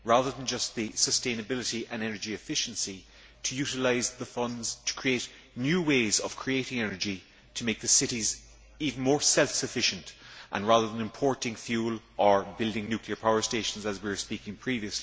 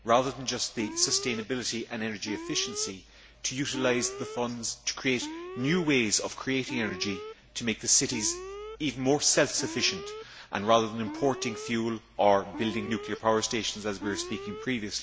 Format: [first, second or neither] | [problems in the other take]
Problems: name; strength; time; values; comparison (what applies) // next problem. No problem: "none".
first | background sound (Alarm); 13 dB below the speech